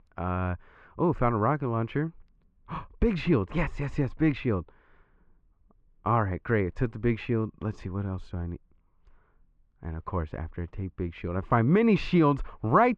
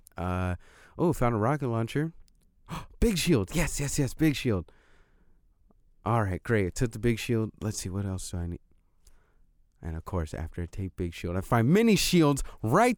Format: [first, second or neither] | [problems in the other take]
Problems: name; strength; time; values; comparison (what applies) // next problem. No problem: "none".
second | muffled; very; fading above 2.5 kHz